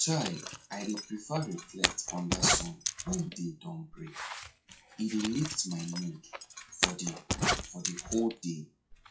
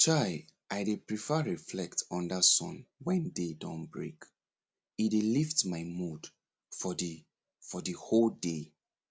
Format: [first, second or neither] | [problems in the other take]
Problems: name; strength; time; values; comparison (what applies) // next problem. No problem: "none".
second | noise reduction (classical method WPE with log-MMSE)